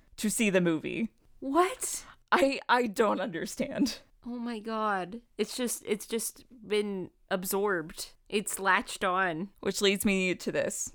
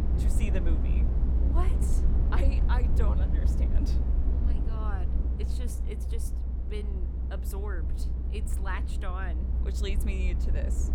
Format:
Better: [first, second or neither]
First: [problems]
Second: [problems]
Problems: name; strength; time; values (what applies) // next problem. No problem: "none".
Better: first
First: none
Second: low rumble; loud; throughout; 3 dB below the speech